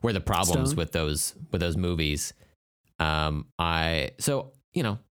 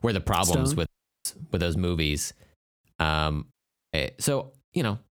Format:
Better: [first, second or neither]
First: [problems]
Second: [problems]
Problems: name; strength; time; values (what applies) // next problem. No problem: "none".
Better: first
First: none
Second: audio cutting out; at 1 s and at 3.5 s